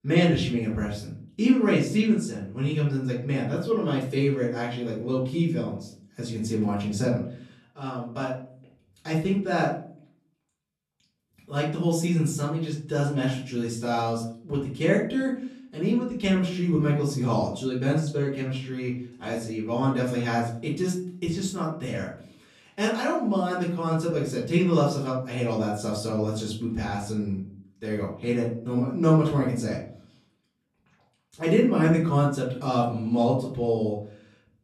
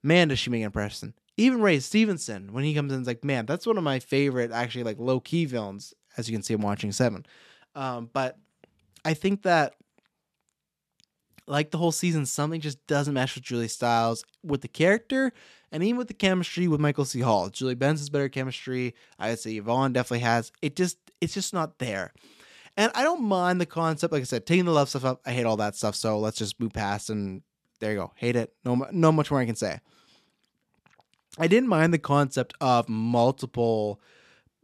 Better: second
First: off-mic speech; far // room echo; slight; dies away in 0.5 s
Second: none

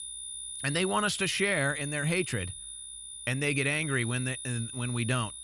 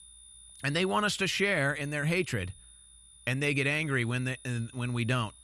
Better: second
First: high-pitched whine; loud; throughout; 9.5 kHz, 7 dB below the speech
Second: high-pitched whine; faint; throughout; 9.5 kHz, 20 dB below the speech

